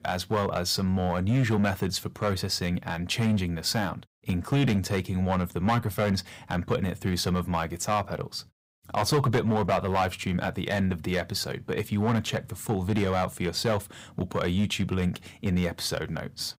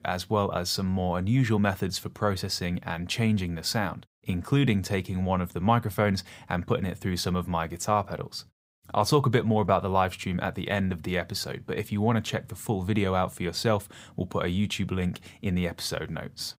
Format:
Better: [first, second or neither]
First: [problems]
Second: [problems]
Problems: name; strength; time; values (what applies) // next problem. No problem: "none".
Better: second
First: distortion; slight; 5% of the sound clipped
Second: none